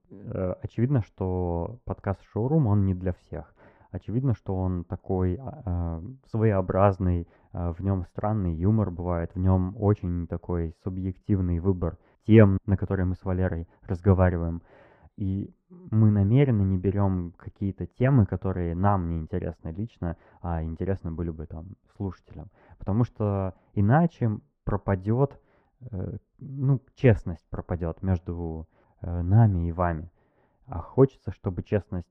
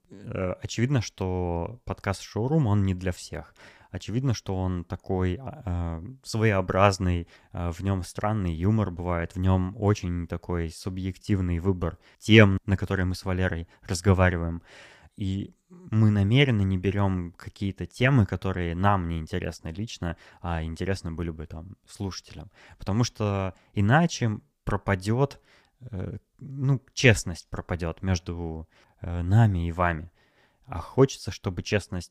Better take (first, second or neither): second